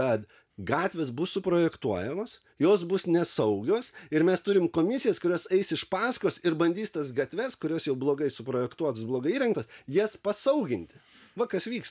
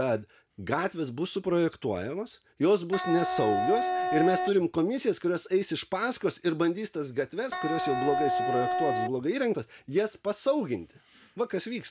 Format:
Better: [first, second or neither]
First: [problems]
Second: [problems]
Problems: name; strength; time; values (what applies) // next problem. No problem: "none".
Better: first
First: none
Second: background sound (Wind instrument, woodwind instrument); as loud as the speech